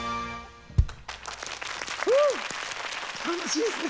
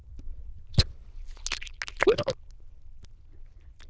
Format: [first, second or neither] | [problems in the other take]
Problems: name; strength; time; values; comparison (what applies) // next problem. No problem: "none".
first | noise reduction (neural diffusion model UNIVERSE++)